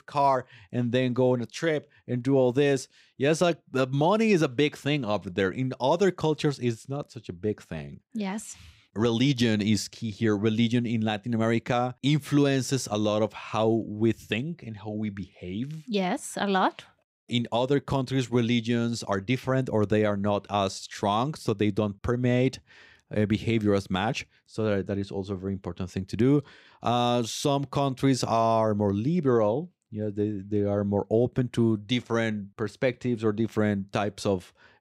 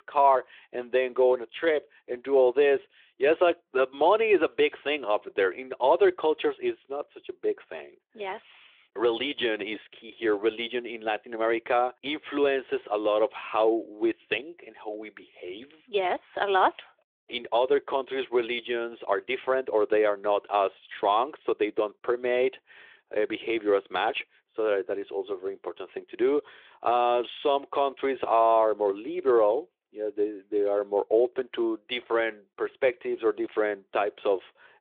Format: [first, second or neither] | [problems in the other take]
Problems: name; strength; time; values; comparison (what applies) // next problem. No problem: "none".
first | phone-call audio; nothing above 3.5 kHz